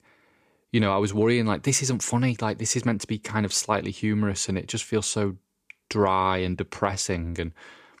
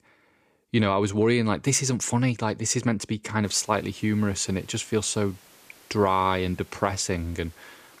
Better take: first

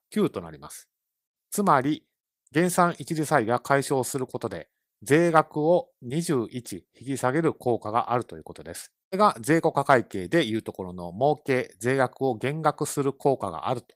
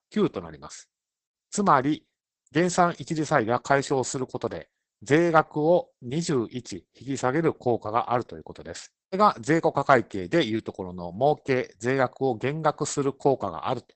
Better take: first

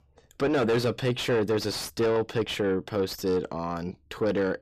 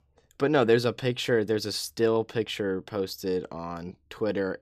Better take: second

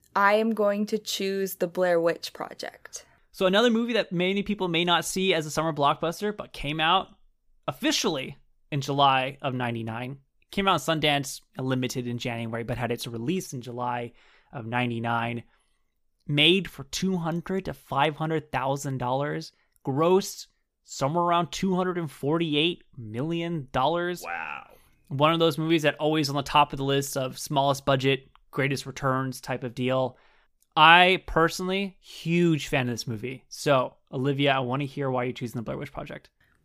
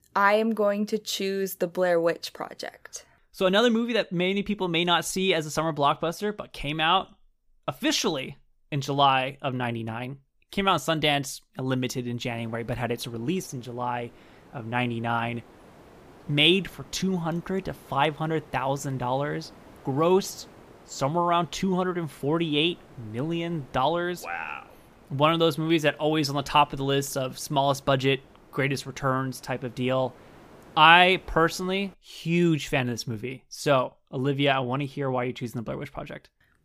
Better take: first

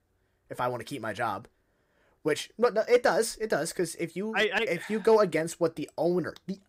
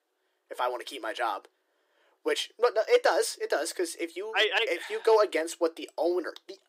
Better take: first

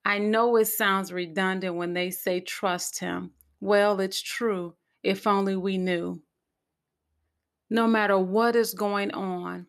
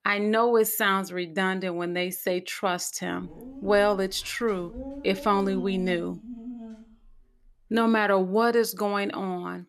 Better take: first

